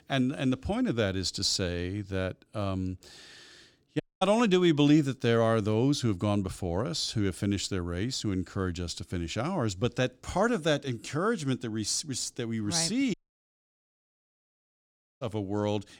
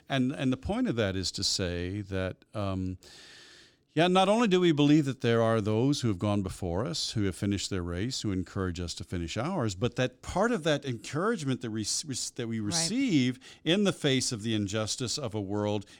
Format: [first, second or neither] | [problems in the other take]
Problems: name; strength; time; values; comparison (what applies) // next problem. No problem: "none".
second | audio cutting out; at 4 s and at 13 s for 2 s